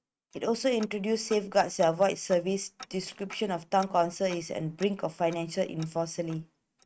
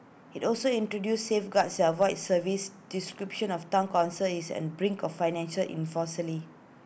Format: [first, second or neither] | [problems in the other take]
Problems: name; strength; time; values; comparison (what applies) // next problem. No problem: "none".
second | noise reduction (neural mask model RNNoise)